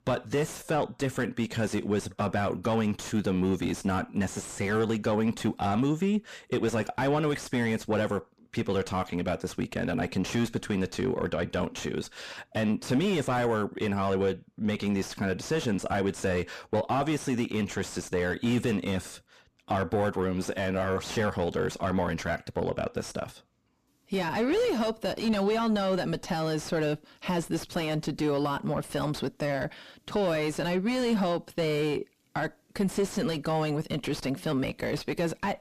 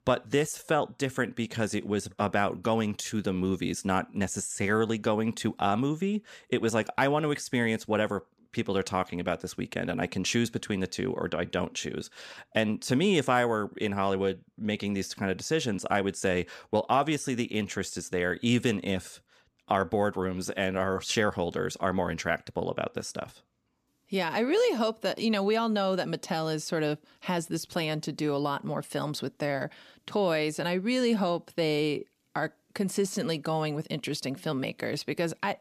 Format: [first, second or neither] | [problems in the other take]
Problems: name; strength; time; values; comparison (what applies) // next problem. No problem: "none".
second | distortion; heavy; 7 dB below the speech